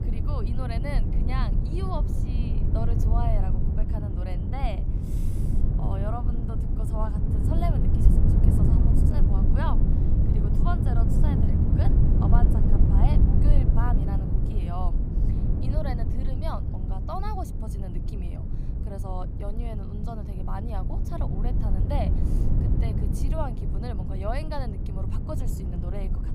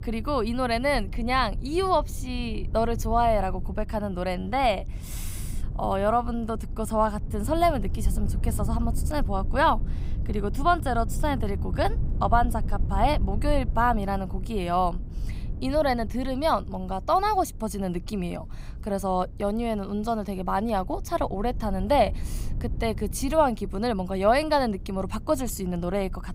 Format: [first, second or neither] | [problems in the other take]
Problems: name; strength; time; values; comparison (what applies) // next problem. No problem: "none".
second | low rumble; loud; throughout; 1 dB below the speech; faint in the second